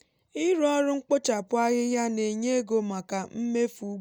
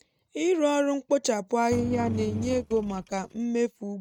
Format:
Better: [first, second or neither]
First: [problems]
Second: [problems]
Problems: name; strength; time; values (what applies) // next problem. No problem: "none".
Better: first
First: none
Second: noise reduction (neural mask model RNNoise)